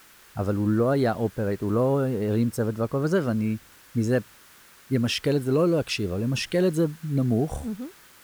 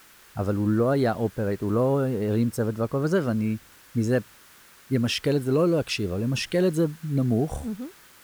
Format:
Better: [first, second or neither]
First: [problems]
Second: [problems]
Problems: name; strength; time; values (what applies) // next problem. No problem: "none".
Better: neither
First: hiss; faint; throughout; 25 dB below the speech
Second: hiss; faint; throughout; 25 dB below the speech